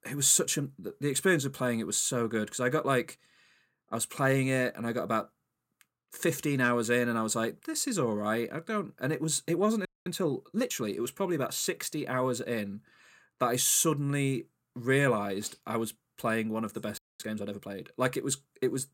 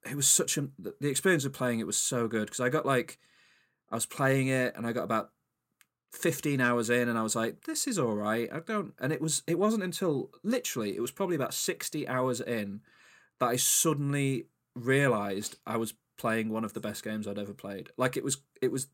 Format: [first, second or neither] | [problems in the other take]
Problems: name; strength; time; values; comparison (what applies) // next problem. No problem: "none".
second | audio freezing; at 10 s and at 17 s